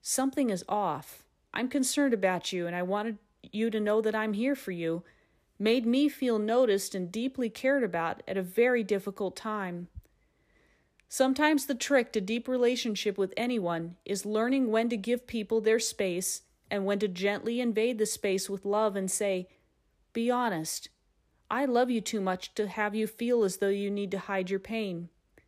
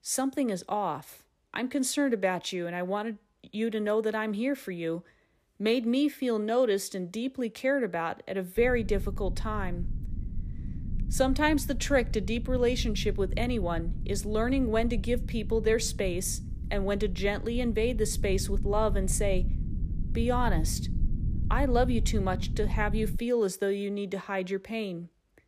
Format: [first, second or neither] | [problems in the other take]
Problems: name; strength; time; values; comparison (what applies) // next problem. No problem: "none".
first | low rumble; noticeable; from 8.5 to 23 s; 20 dB below the speech